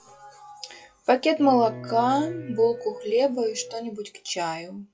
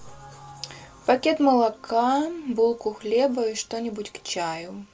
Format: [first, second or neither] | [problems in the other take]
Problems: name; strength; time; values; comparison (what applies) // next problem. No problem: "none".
second | noise reduction (classical method log-MMSE)